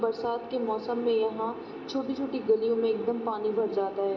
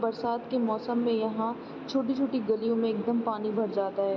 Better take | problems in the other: second | room echo; dies away in 2.6 s

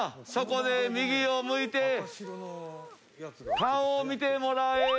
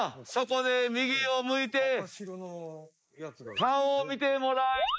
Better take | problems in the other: first | noise reduction (neural mask model Resemble Enhance denoiser)

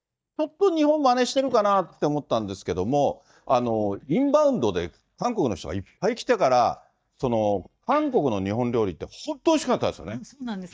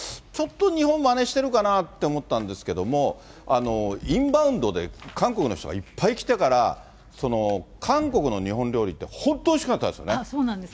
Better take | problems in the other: second | noise reduction (neural mask model DeepFilterNet 3)

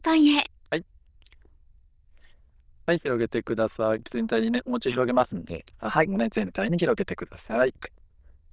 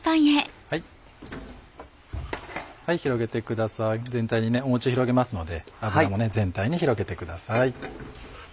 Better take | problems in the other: second | noise reduction (neural diffusion model UNIVERSE++)

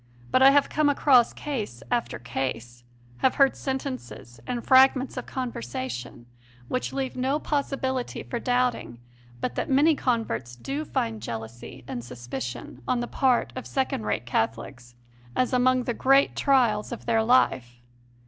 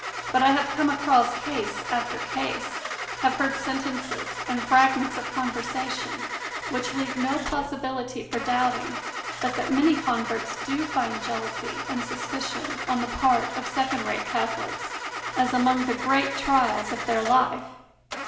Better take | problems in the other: first | background sound (Engine starting / Car); 6 dB below the speech // room echo; dies away in 0.8 s

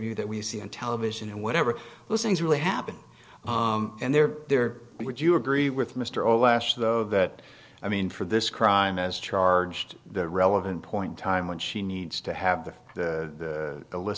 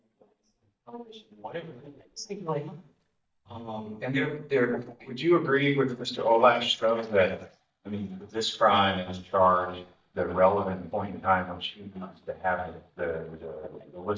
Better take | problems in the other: first | noise reduction (neural mask model DeepFilterNet 3)

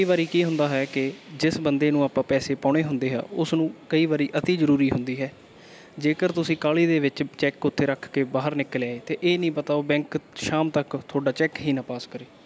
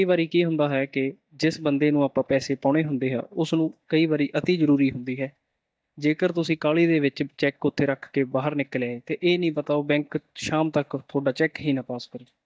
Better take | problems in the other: first | noise reduction (neural mask model DeepFilterNet 3)

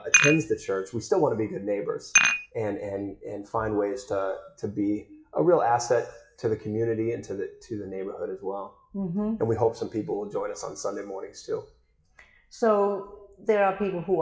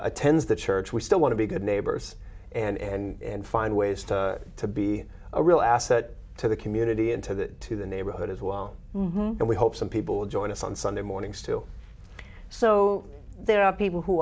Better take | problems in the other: second | noise reduction (classical method WPE with log-MMSE)

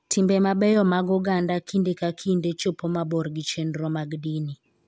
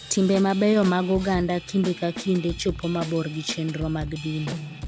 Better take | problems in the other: first | background sound (Drum / Drum kit); 12 dB below the speech

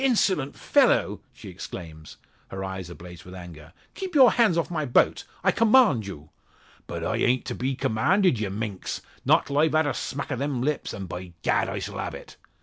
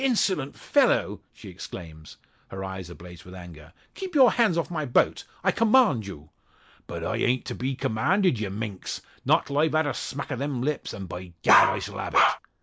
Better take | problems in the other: first | noise reduction (neural mask model Resemble Enhance denoiser)

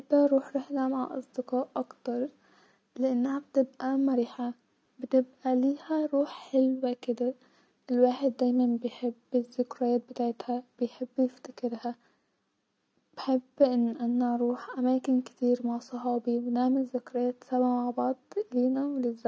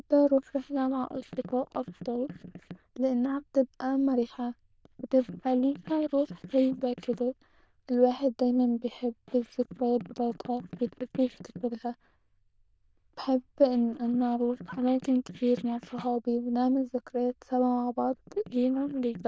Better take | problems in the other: first | noise reduction (neural diffusion model UNIVERSE++)

